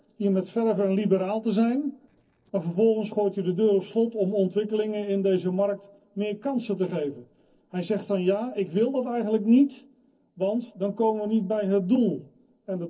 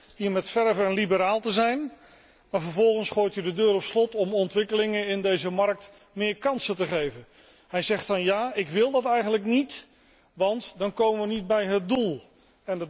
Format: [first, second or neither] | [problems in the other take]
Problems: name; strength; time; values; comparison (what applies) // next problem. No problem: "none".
second | noise reduction (neural separator model SepFormer DNS4)